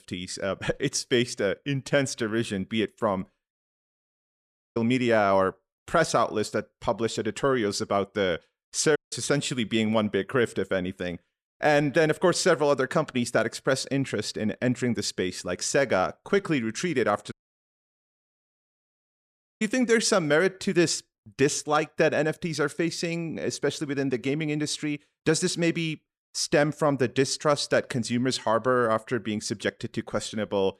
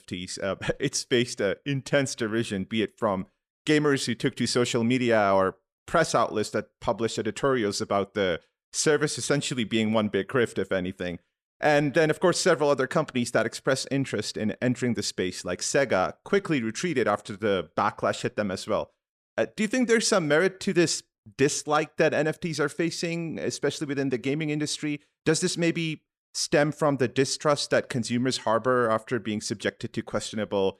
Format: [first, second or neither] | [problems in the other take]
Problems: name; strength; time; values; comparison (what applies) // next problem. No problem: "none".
second | audio cutting out; at 3.5 s for 1 s, at 9 s and at 17 s for 2.5 s